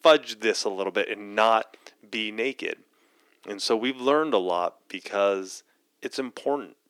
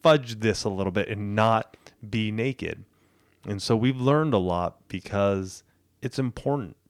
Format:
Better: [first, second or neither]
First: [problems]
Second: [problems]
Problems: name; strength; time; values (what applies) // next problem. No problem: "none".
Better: second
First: thin; somewhat; fading below 300 Hz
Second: none